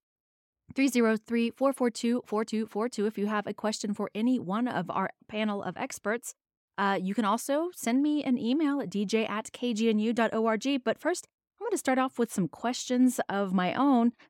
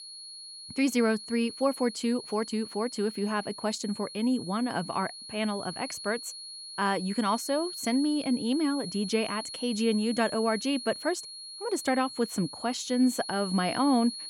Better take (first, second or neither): first